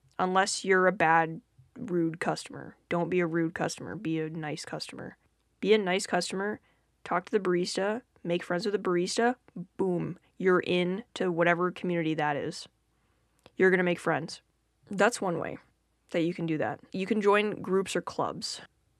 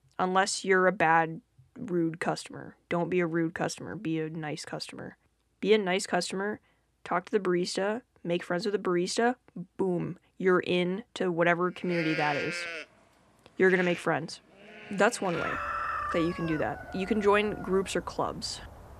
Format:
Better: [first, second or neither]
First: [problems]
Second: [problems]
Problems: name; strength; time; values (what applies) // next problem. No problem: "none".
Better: first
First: none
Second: animal sounds; loud; from 12 s on; 8 dB below the speech